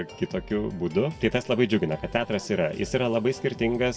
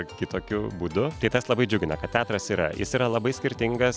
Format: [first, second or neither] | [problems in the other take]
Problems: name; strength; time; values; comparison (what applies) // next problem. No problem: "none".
second | room echo; dies away in 1.3 s